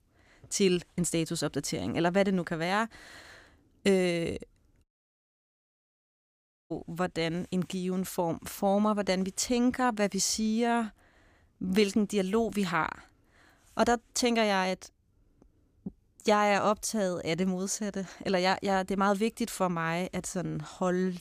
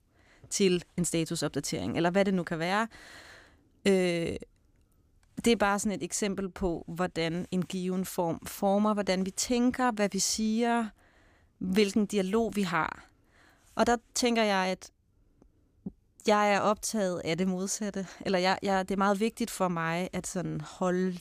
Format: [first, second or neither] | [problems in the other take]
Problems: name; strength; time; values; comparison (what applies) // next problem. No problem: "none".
second | audio cutting out; at 5 s for 2 s